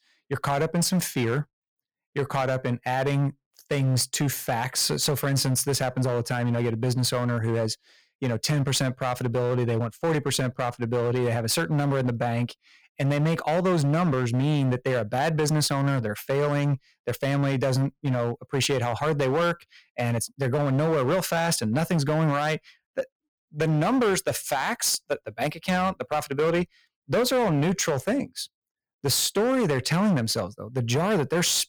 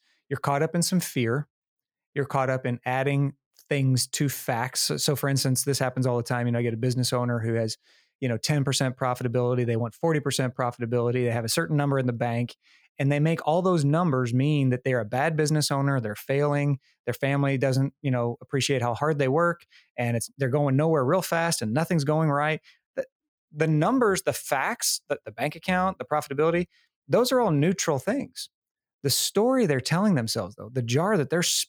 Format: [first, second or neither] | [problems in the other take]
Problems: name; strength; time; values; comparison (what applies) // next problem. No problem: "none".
second | distortion; slight; 13% of the sound clipped